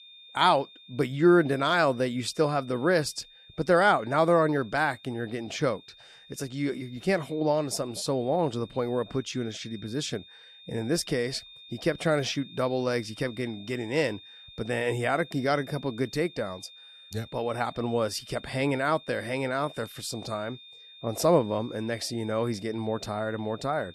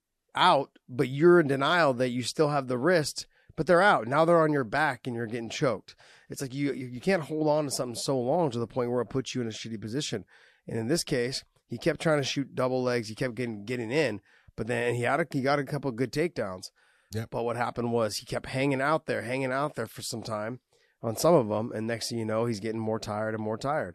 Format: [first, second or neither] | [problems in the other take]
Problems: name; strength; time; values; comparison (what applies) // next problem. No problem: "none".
second | high-pitched whine; faint; throughout; 3.5 kHz, 20 dB below the speech